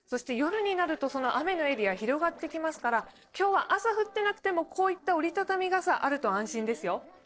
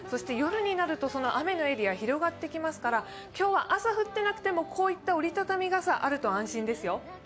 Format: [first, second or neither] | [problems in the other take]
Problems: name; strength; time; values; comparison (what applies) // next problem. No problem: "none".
second | noise reduction (neural separator model SepFormer DNS4)